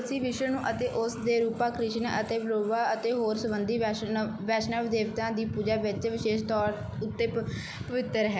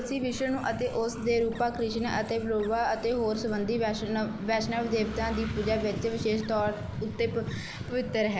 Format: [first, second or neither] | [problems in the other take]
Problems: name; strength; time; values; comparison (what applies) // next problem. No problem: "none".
first | background sound (Engine / Vehicle + Guitar); 13 dB below the speech